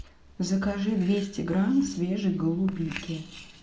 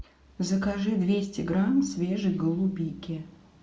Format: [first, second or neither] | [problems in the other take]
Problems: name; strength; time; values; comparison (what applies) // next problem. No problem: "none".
second | background sound (Writing); 19 dB below the speech